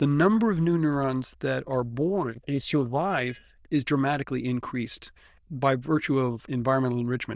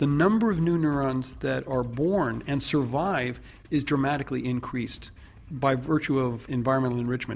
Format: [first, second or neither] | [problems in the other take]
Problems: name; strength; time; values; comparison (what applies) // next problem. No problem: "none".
second | noise reduction (neural diffusion model UNIVERSE++)